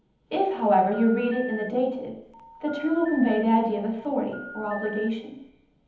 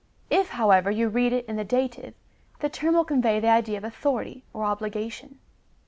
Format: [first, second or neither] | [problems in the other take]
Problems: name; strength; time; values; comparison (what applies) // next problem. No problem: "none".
second | background sound (Telephone); 16 dB below the speech // room echo; dies away in 1.3 s